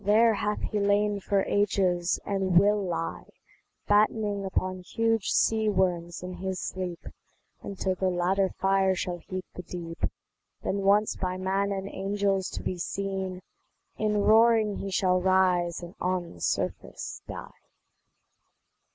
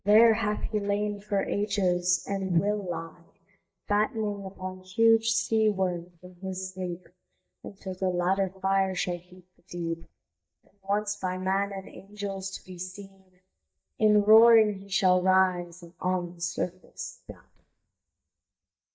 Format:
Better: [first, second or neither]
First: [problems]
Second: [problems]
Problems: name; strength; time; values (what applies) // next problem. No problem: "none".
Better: first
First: none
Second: noise reduction (neural mask model DeepFilterNet 3)